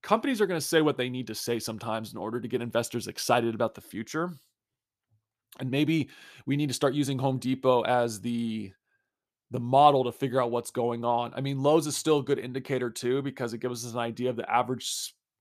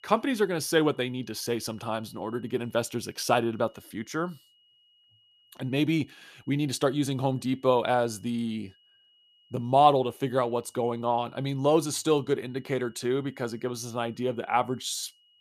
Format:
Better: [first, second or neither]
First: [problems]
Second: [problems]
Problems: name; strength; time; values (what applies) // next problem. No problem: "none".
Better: first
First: none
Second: high-pitched whine; faint; throughout; 3 kHz, 35 dB below the speech